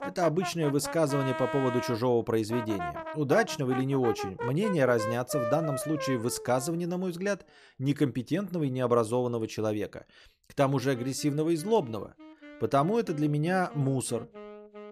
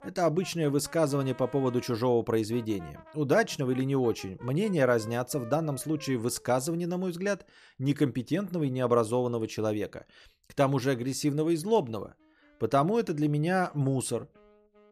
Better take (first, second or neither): second